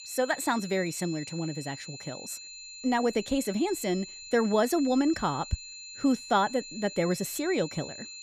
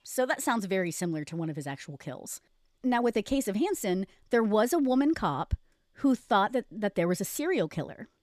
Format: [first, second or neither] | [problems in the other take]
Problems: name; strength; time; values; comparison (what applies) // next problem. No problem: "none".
second | high-pitched whine; noticeable; throughout; 4 kHz, 10 dB below the speech